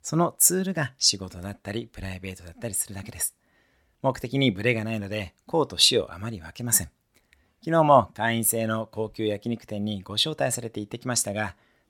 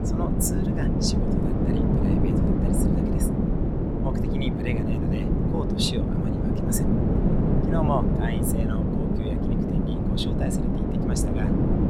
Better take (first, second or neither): first